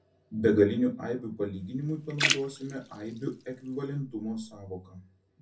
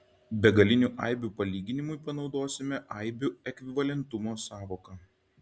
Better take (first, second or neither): second